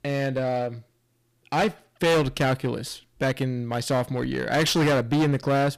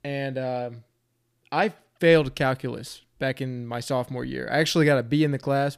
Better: second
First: distortion; heavy; 13% of the sound clipped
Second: none

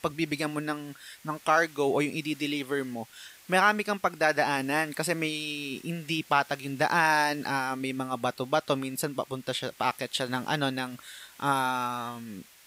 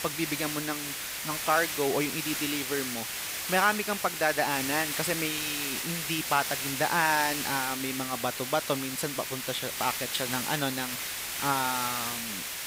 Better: first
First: hiss; faint; throughout; 25 dB below the speech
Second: hiss; loud; throughout; 2 dB below the speech

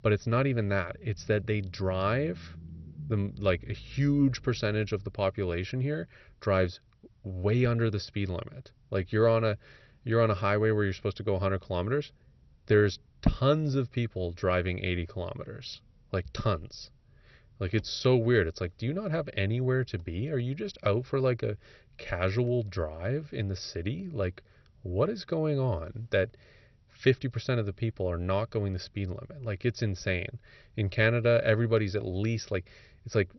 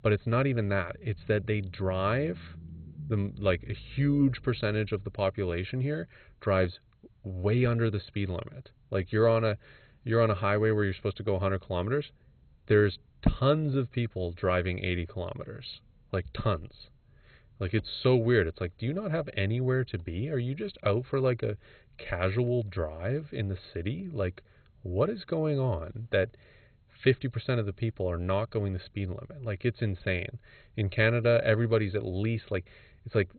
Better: first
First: garbled, watery; slightly; nothing above 6 kHz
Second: garbled, watery; badly; nothing above 4 kHz

